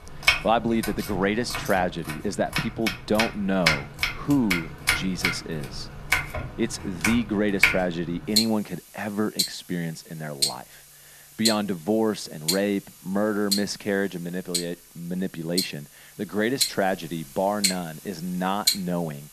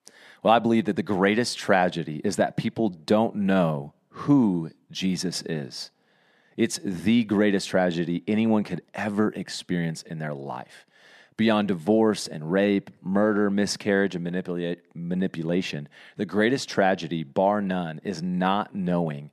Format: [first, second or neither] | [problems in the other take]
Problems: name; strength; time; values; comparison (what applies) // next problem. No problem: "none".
second | household noises; very loud; throughout; 1 dB above the speech